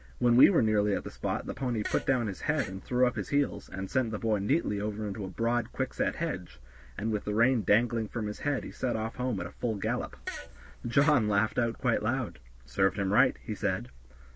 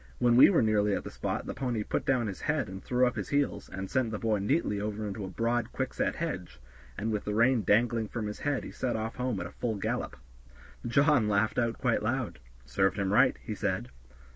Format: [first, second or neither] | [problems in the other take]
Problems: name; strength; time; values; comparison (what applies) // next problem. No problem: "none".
second | background sound (Fart); 14 dB below the speech